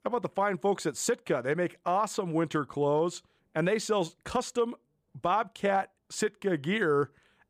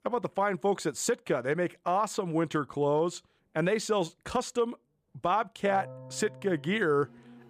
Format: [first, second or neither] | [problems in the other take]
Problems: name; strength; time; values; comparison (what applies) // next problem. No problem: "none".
first | background music; noticeable; from 5.5 s on; 20 dB below the speech